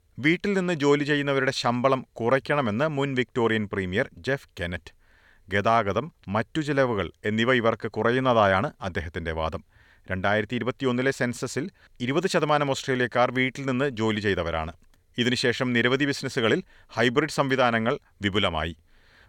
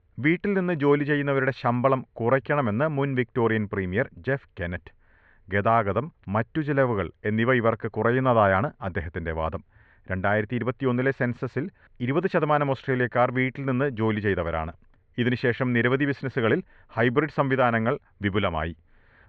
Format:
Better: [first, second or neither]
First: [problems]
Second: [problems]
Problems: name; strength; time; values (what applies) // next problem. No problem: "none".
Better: first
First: none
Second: muffled; very; fading above 2 kHz